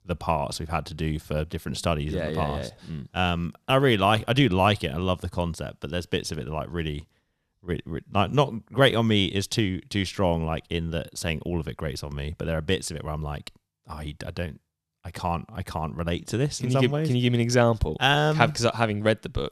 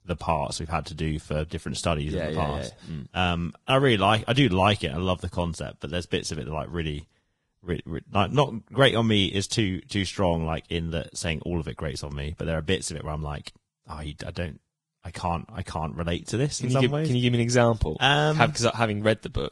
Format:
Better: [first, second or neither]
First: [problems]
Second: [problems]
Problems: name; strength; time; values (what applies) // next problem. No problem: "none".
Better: first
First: none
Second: garbled, watery; badly; nothing above 10.5 kHz